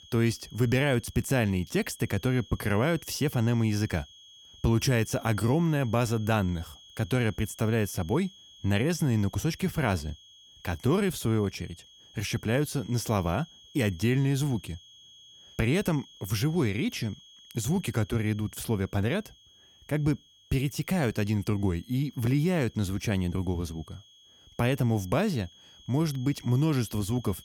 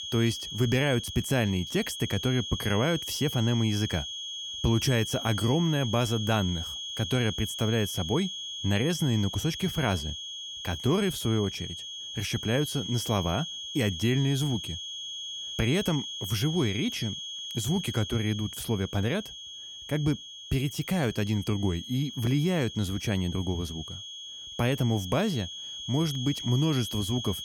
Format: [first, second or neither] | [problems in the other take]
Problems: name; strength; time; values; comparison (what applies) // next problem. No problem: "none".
first | high-pitched whine; loud; throughout; 3.5 kHz, 7 dB below the speech; faint in the first